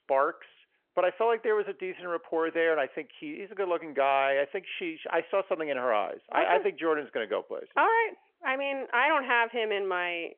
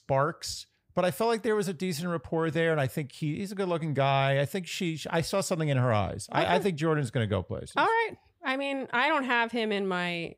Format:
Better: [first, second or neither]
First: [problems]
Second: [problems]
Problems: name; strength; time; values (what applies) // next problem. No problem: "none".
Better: second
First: phone-call audio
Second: none